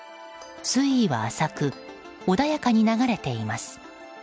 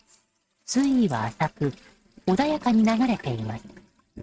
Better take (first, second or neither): first